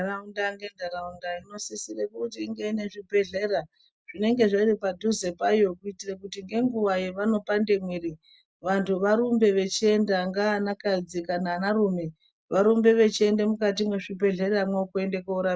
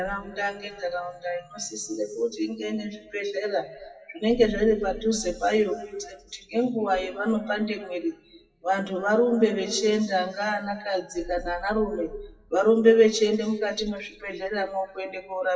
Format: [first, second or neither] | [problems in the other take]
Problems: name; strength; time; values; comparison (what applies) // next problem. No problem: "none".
first | noise reduction (classical method WPE with log-MMSE)